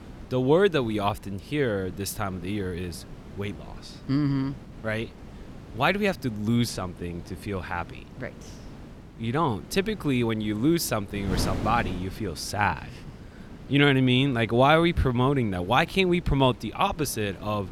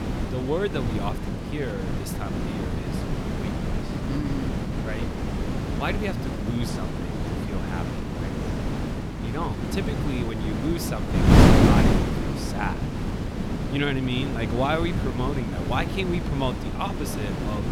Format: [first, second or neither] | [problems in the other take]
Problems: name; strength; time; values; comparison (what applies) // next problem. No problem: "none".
first | wind noise on the microphone; heavy; 1 dB above the speech; occasional gusts in the first